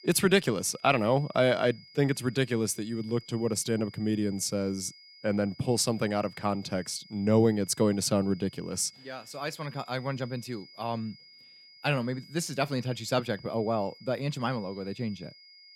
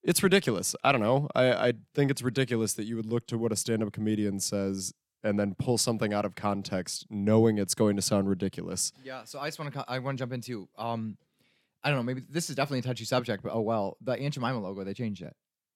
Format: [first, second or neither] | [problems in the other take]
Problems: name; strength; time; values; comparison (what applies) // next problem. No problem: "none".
second | high-pitched whine; faint; throughout; 5 kHz, 20 dB below the speech